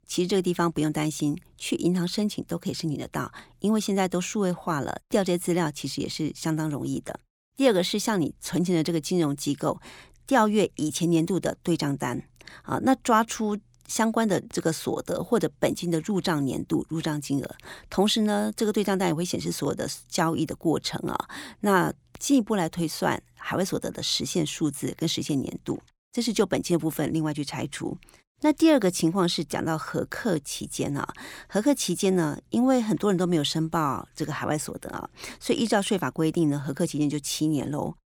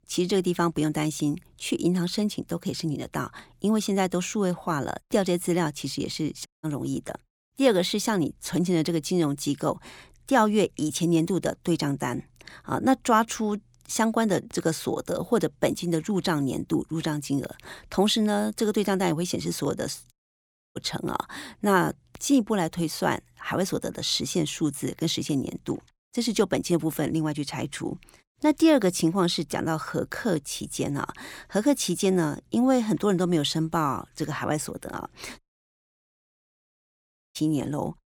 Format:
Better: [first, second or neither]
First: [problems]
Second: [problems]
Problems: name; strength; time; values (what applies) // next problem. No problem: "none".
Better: first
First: none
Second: audio cutting out; at 6.5 s, at 20 s for 0.5 s and at 35 s for 2 s